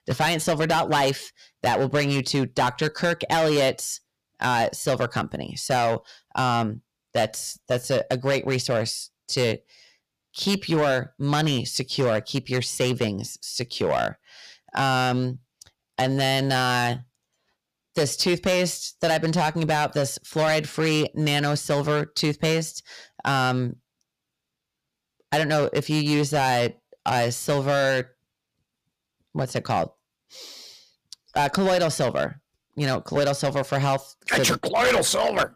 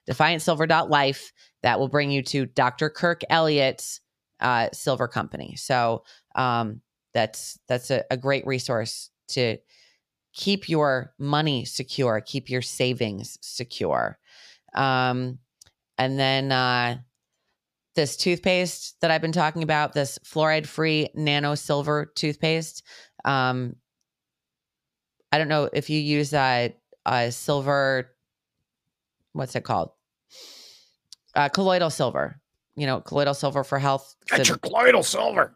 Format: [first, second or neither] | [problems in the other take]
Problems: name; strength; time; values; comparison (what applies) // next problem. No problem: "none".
second | distortion; heavy; 8% of the sound clipped